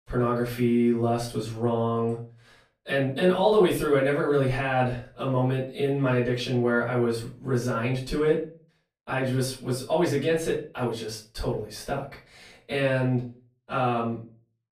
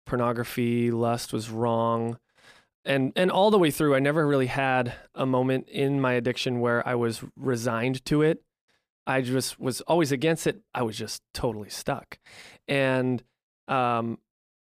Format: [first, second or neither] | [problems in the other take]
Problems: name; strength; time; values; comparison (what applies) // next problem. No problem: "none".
second | room echo; slight; dies away in 0.3 s // off-mic speech; far